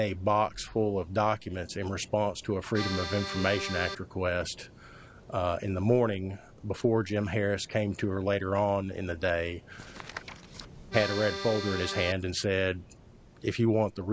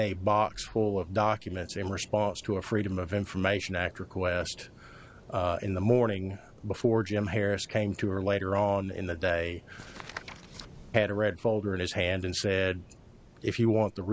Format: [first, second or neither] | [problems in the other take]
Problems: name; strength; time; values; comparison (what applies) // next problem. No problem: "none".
second | background sound (Accordion); 6 dB below the speech